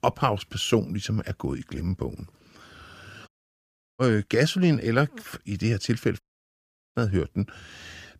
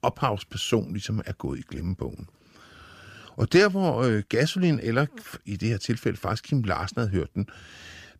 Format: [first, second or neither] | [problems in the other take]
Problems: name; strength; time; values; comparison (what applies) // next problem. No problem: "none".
second | audio cutting out; at 3.5 s for 0.5 s and at 6 s for 1 s